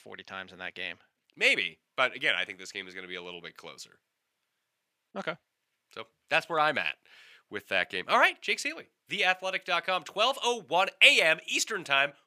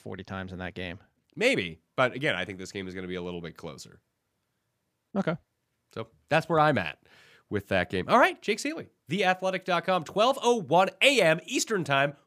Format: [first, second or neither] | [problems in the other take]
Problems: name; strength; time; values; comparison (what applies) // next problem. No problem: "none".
second | thin; somewhat; fading below 800 Hz